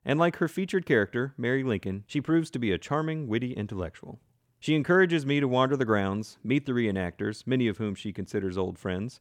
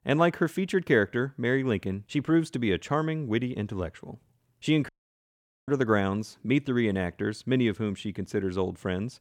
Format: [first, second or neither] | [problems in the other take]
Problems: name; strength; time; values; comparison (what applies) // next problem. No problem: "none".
first | audio cutting out; at 5 s for 1 s